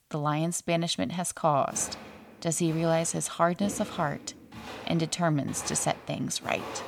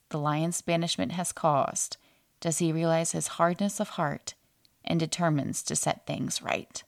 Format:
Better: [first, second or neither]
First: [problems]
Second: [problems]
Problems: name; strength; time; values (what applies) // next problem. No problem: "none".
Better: second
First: footsteps; faint; from 1.5 s on; peak 10 dB below the speech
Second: none